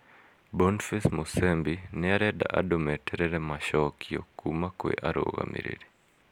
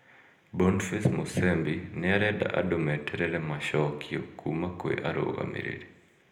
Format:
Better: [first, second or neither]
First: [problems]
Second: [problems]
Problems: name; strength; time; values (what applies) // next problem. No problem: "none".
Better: first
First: none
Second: room echo; dies away in 0.7 s